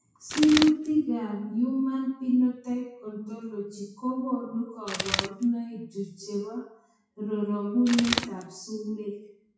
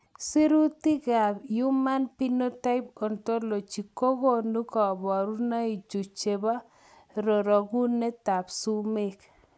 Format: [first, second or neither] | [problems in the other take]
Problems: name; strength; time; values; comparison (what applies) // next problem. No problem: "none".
second | noise reduction (classical method WPE with log-MMSE)